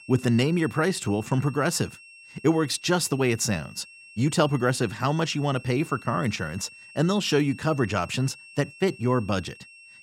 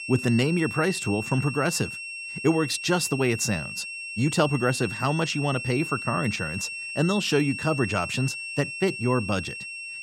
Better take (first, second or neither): first